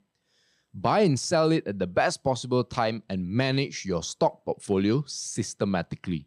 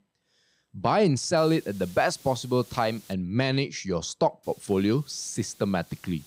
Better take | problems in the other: first | hiss; faint; from 1.5 to 3 s and from 4.5 s on; 25 dB below the speech

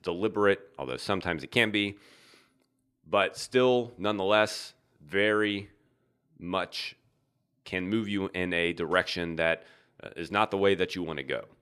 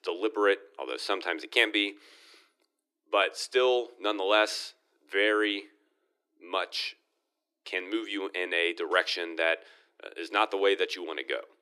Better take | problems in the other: first | thin; very; fading below 300 Hz

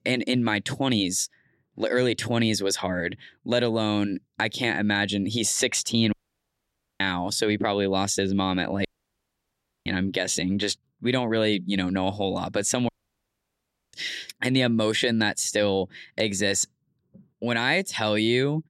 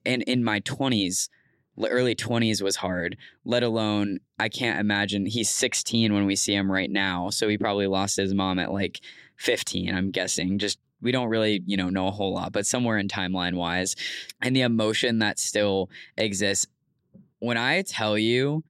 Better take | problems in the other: second | audio cutting out; at 6 s for 1 s, at 9 s for 1 s and at 13 s for 1 s

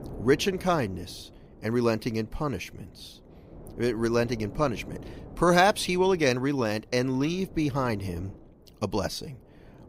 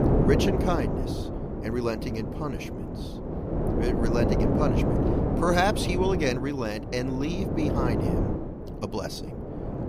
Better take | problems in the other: first | wind noise on the microphone; heavy; 2 dB below the speech; occasional gusts in the first

